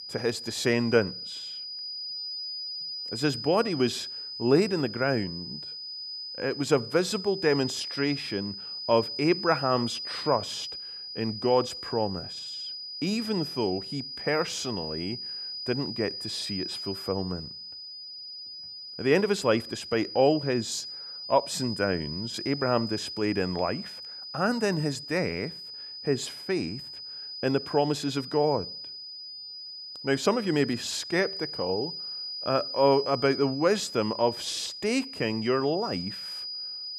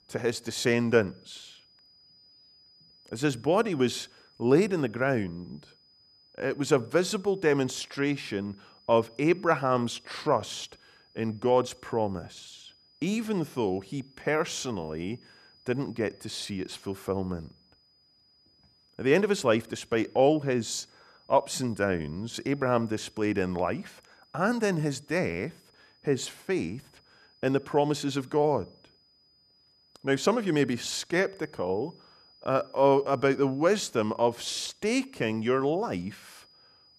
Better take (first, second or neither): second